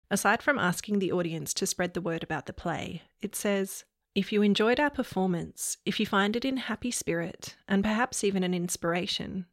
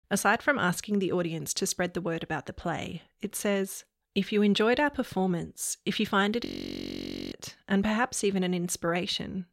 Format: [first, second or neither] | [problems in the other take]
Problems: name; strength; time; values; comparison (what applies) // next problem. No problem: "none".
first | audio freezing; at 6.5 s for 1 s